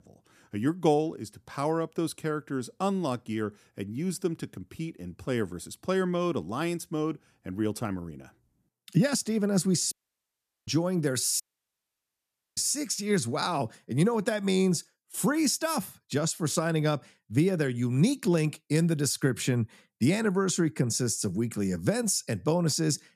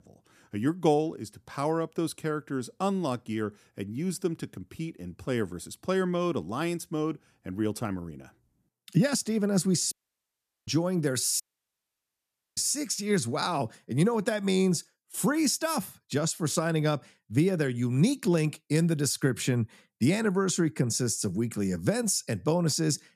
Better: neither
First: audio cutting out; at 10 s for 1 s and at 11 s for 1 s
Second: audio cutting out; at 10 s for 1 s and at 11 s for 1 s

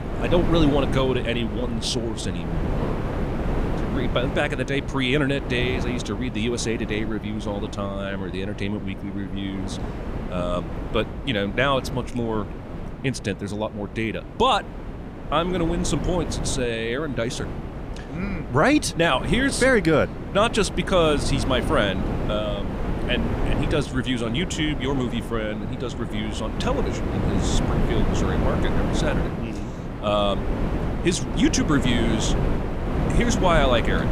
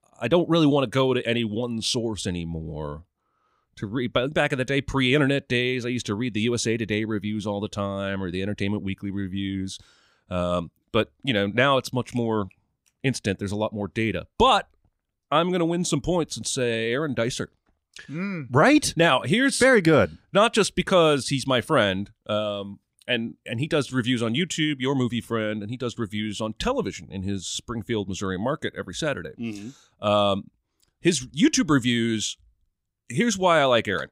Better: second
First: wind noise on the microphone; heavy; 8 dB below the speech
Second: none

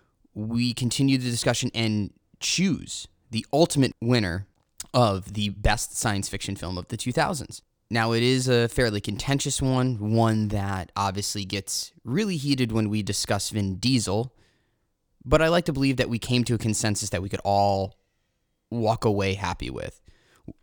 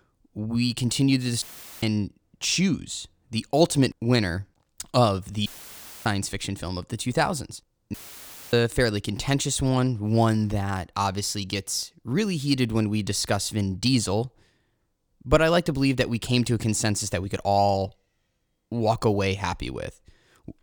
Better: first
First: none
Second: audio cutting out; filled with static; at 1.5 s, at 5.5 s for 0.5 s and at 8 s for 0.5 s

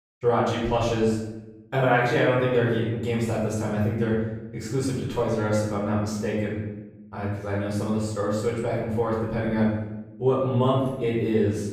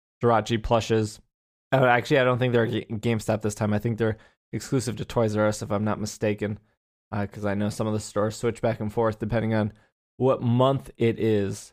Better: second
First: off-mic speech; far // room echo; noticeable; dies away in 0.8 s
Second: none

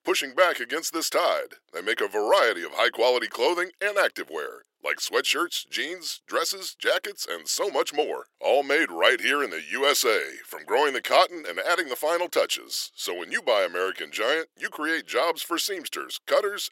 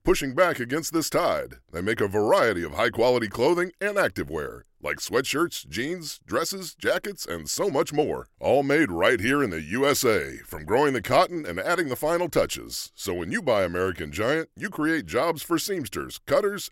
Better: second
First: thin; somewhat; fading below 400 Hz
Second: none

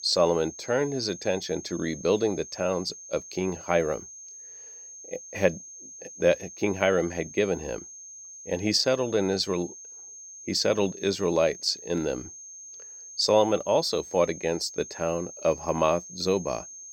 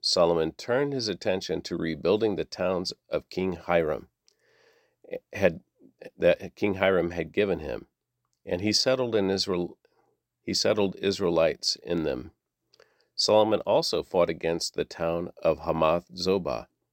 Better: second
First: high-pitched whine; noticeable; throughout; 6.5 kHz, 15 dB below the speech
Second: none

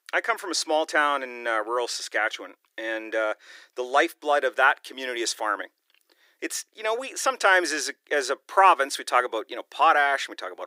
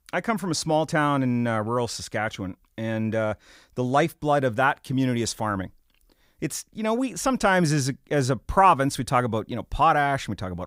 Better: second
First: thin; very; fading below 350 Hz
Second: none

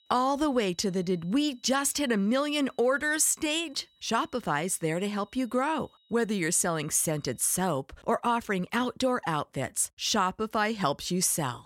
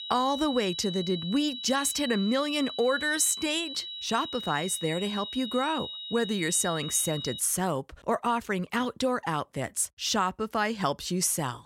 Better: first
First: high-pitched whine; faint; until 7.5 s; 4 kHz, 35 dB below the speech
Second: high-pitched whine; loud; until 7.5 s; 4 kHz, 8 dB below the speech

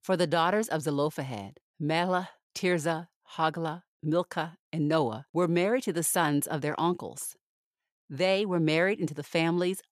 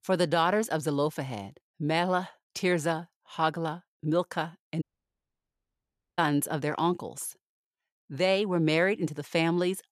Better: first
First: none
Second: audio cutting out; at 5 s for 1.5 s

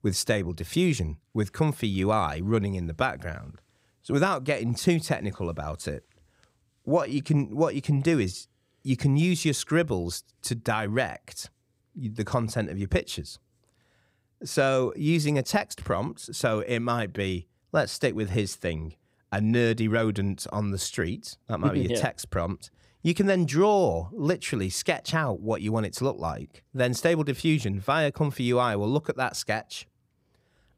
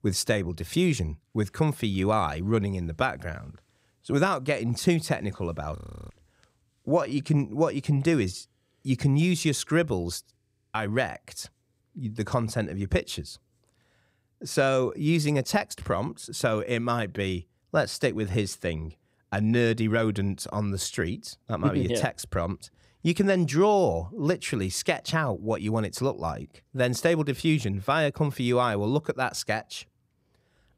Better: first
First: none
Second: audio freezing; at 6 s and at 10 s

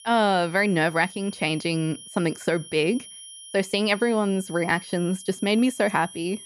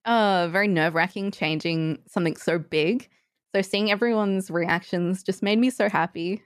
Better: second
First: high-pitched whine; noticeable; throughout; 3 kHz, 15 dB below the speech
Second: none

